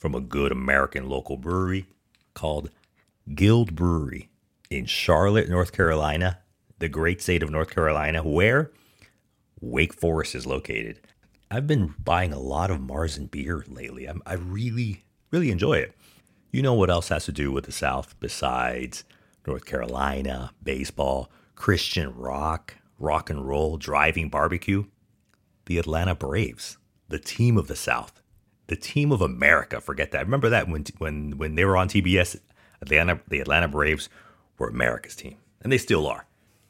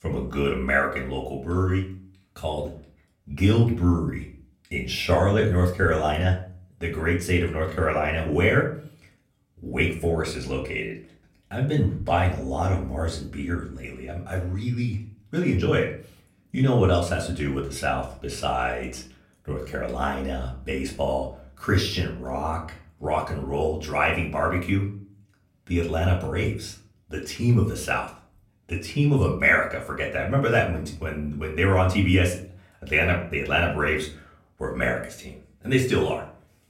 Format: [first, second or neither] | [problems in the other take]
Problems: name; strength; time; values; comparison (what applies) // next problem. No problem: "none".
first | off-mic speech; far // room echo; slight; dies away in 0.4 s